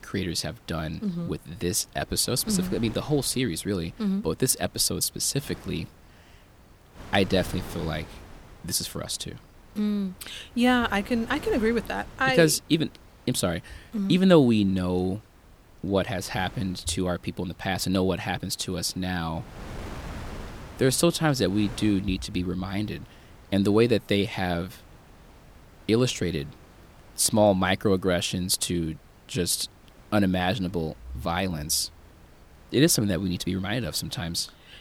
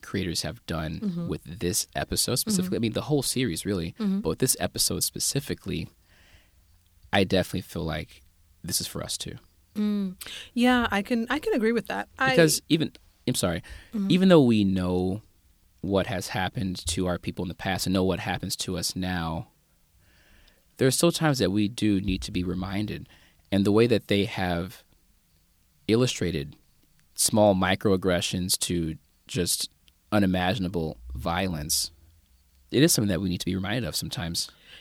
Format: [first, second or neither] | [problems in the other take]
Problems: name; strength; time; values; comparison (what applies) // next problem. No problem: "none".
second | wind noise on the microphone; occasional gusts; 20 dB below the speech